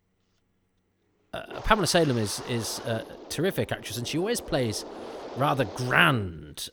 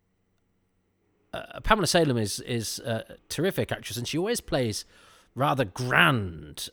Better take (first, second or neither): second